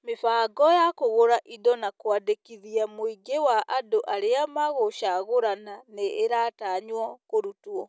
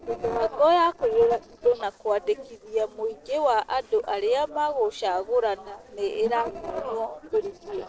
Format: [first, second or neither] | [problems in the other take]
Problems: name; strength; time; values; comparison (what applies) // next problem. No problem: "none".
first | noise reduction (neural separator model SepFormer DNS4)